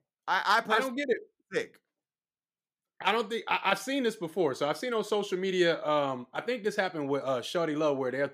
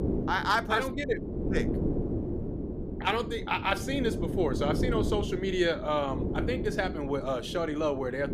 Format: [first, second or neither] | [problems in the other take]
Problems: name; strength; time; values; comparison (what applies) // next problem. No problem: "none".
first | wind noise on the microphone; heavy; 9 dB below the speech